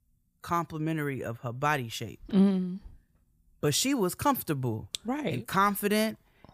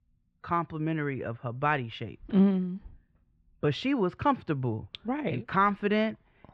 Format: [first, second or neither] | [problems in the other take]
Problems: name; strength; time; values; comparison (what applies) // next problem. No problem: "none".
first | muffled; very; fading above 3 kHz